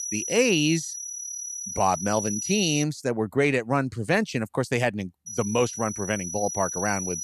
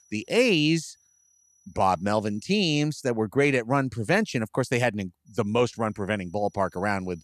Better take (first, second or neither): second